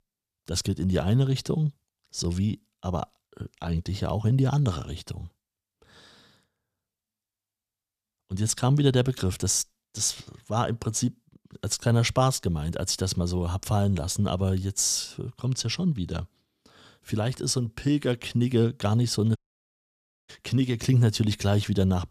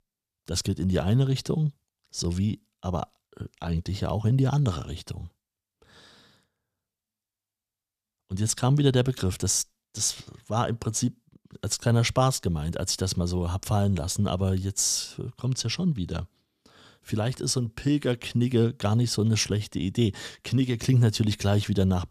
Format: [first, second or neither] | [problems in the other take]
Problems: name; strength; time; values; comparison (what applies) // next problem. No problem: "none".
second | audio cutting out; at 19 s for 1 s